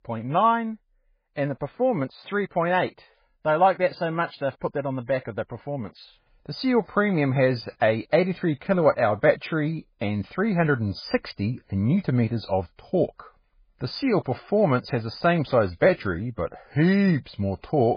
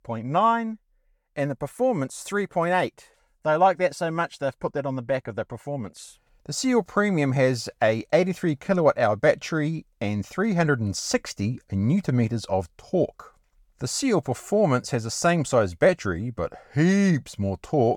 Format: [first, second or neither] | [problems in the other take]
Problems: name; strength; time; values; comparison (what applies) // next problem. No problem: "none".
second | garbled, watery; badly; nothing above 5 kHz